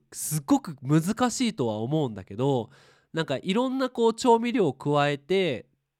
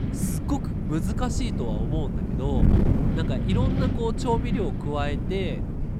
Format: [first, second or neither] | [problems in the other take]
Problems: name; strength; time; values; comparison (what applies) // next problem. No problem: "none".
first | wind noise on the microphone; heavy; 3 dB below the speech